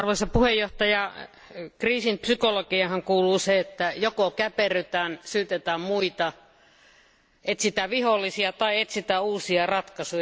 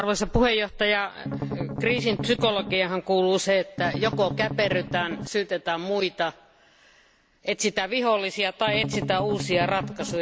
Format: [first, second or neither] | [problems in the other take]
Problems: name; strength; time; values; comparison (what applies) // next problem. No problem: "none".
first | background sound (Strum); 6 dB below the speech